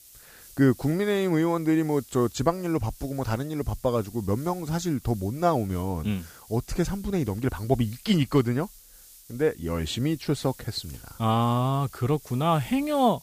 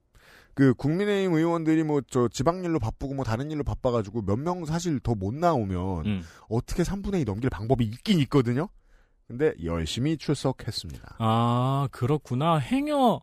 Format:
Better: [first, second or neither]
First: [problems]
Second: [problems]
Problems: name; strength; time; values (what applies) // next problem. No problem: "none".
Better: second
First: hiss; faint; throughout; 20 dB below the speech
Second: none